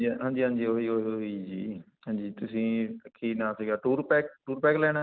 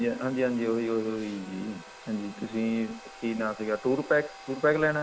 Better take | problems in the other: first | background sound (Domestic sounds, home sounds); 18 dB below the speech

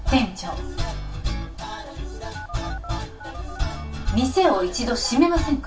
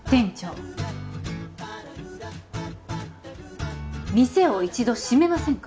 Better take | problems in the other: second | background sound (Telephone); 18 dB below the speech // room echo; dies away in 0.2 s

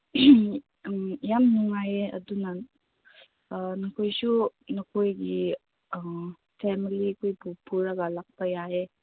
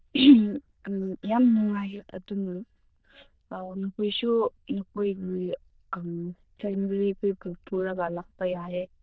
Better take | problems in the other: first | noise reduction (neural diffusion model UNIVERSE++)

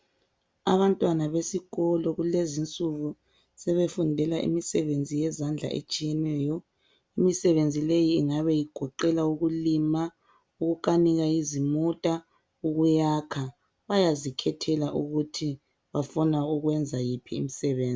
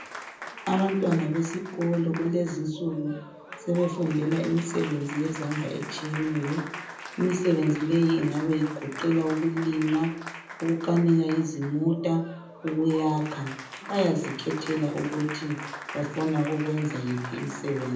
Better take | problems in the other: first | background sound (Applause); 13 dB below the speech // room echo; dies away in 0.6 s

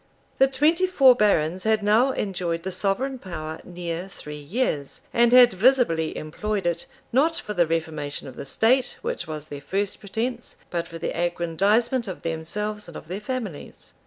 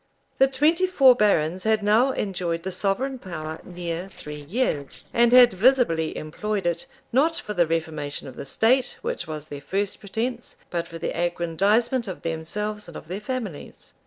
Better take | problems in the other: first | noise reduction (neural separator model SepFormer DNS4)

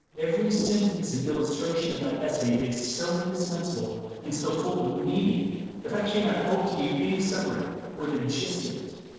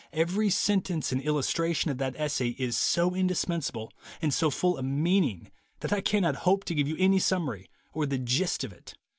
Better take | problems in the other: second | noise reduction (neural separator model SepFormer DNS4)

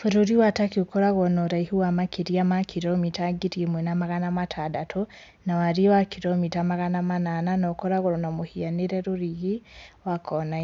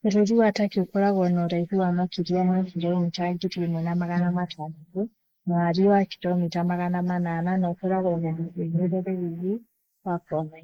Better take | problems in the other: first | noise reduction (neural mask model Resemble Enhance denoiser)

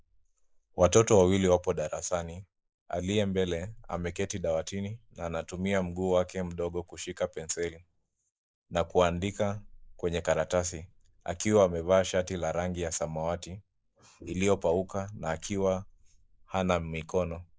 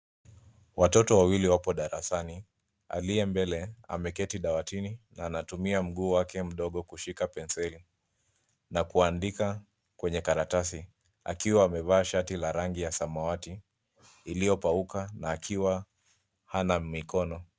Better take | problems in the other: second | noise reduction (neural mask model Resemble Enhance denoiser)

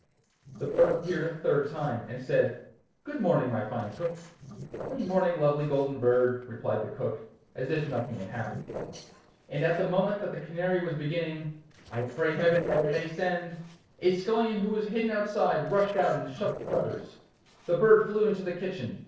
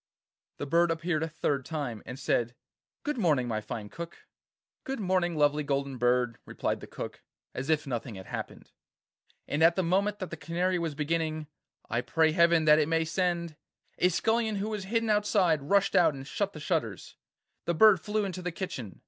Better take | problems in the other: second | noise reduction (neural separator model SepFormer DNS4)

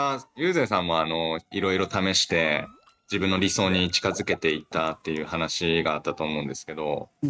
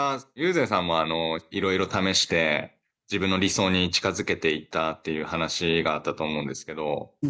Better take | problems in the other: second | noise reduction (neural mask model RNNoise)

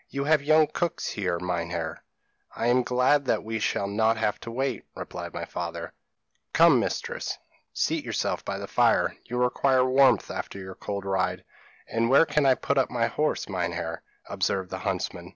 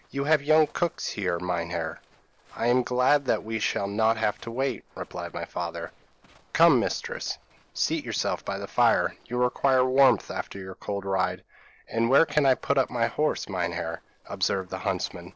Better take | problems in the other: first | noise reduction (neural separator model SepFormer DNS4)

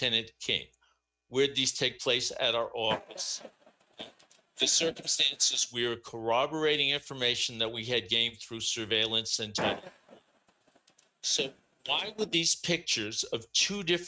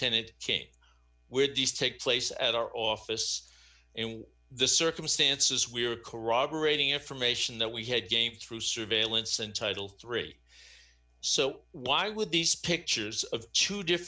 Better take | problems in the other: second | noise reduction (neural mask model RNNoise)

